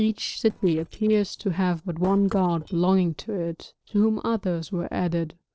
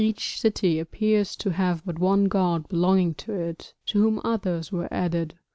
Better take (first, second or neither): second